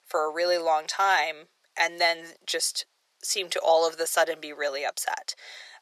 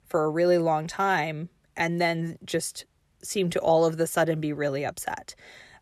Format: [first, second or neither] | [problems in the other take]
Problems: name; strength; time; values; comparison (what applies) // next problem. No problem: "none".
second | thin; very; fading below 600 Hz